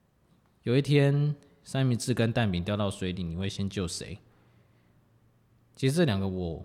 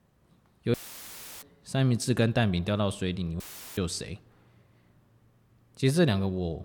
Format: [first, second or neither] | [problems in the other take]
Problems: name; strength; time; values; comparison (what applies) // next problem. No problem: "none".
first | audio cutting out; filled with static; at 0.5 s for 0.5 s and at 3.5 s